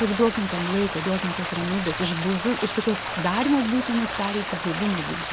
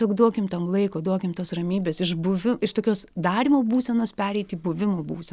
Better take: second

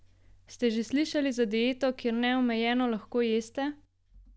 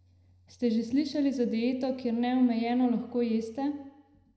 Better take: first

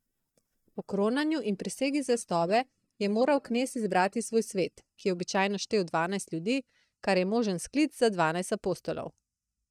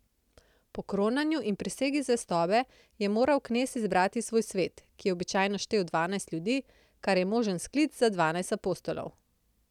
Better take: second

